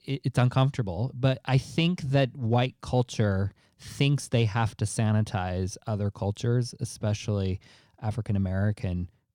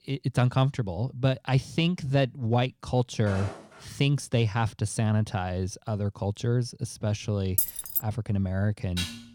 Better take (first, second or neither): first